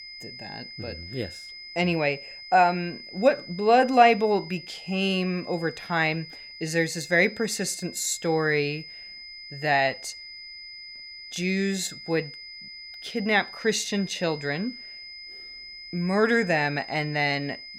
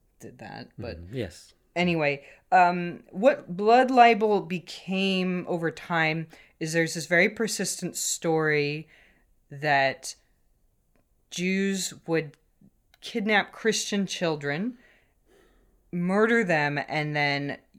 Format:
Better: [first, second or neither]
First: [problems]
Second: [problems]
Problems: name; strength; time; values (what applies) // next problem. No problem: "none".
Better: second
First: high-pitched whine; noticeable; throughout; 5 kHz, 15 dB below the speech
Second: none